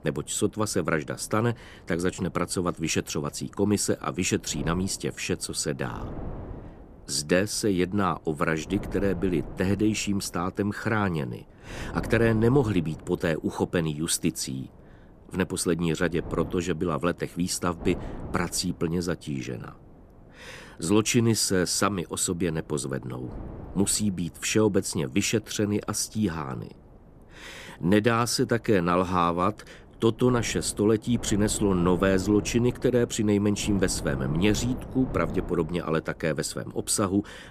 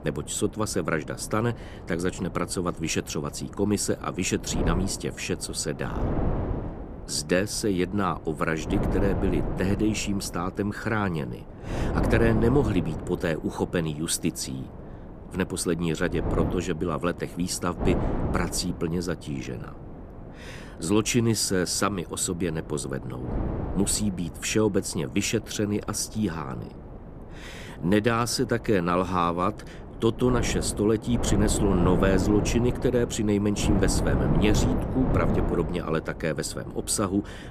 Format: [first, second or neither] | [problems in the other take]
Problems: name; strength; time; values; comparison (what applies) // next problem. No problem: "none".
first | wind noise on the microphone; heavy; 9 dB below the speech; occasional gusts in the first